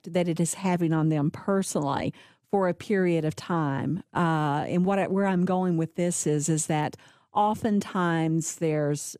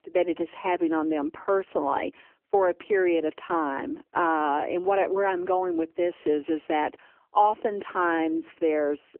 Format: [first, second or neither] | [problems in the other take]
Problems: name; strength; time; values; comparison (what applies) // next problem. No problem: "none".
first | phone-call audio; poor line; nothing above 3 kHz